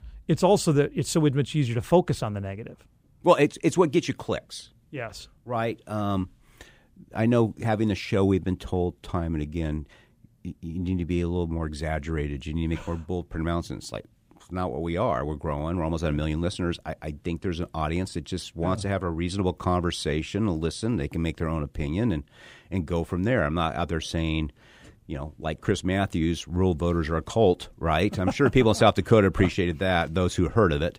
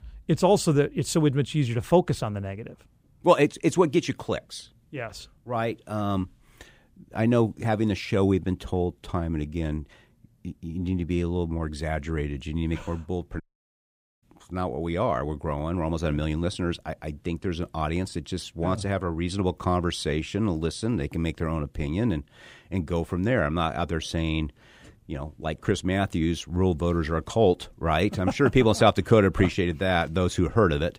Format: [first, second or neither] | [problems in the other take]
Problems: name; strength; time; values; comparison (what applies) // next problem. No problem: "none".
first | audio cutting out; at 13 s for 1 s